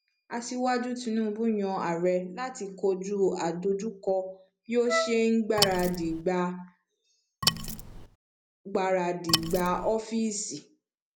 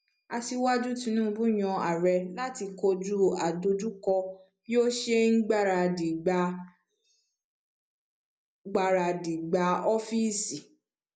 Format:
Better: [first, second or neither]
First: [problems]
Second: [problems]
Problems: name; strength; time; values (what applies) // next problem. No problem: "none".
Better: second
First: background sound (Wind instrument, woodwind instrument + Wood); 2 dB below the speech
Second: none